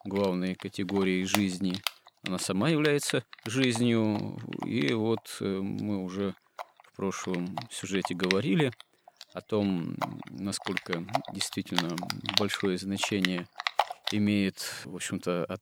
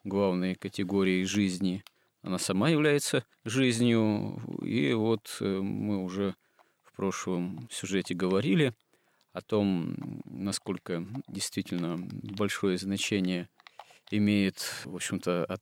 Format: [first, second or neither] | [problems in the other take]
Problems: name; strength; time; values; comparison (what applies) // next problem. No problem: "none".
second | household noises; loud; throughout; 5 dB below the speech; faint in the second